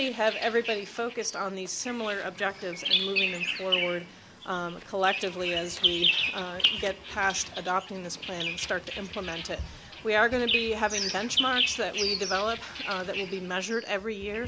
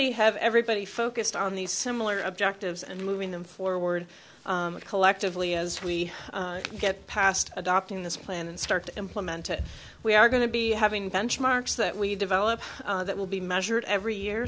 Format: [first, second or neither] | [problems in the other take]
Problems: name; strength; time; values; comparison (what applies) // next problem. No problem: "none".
second | background sound (Bird vocalization, bird call, bird song); 2 dB below the speech